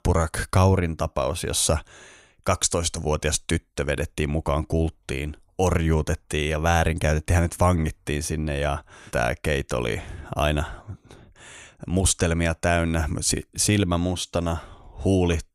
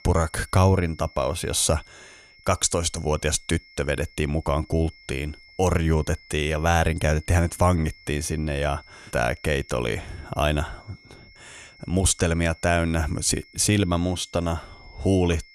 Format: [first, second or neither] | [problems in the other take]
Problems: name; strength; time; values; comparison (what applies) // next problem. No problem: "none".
first | high-pitched whine; faint; throughout; 2 kHz, 25 dB below the speech